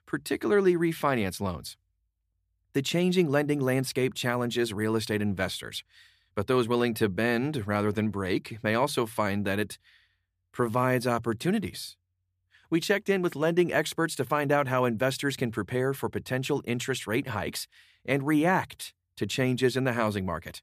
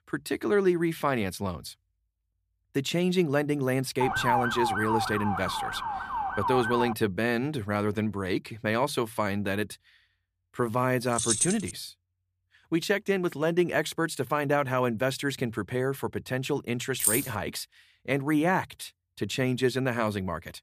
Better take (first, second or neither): first